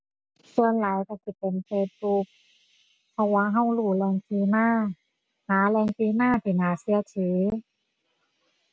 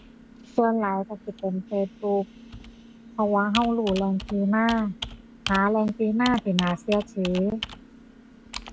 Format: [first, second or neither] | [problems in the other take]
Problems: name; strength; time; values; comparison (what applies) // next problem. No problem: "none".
first | background sound (Computer keyboard); 13 dB below the speech